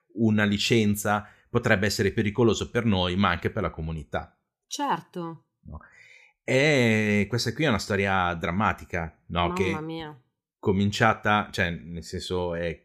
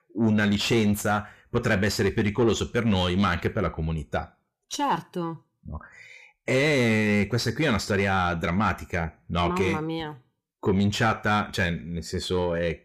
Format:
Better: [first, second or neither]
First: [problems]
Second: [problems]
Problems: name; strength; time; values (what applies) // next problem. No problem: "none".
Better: first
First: none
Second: distortion; slight; 10 dB below the speech